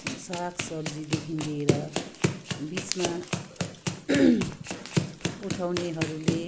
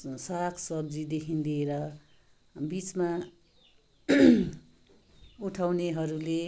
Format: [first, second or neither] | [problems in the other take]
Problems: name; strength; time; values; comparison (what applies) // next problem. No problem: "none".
second | background sound (Run); 1 dB below the speech